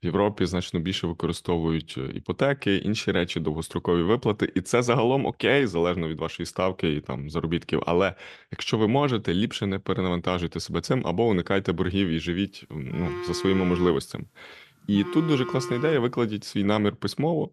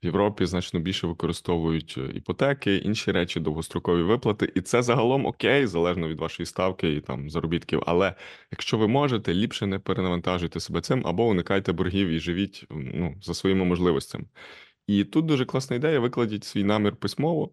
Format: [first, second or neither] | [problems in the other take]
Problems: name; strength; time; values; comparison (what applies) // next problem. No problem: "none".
second | phone ringing; noticeable; from 13 to 16 s; peak 7 dB below the speech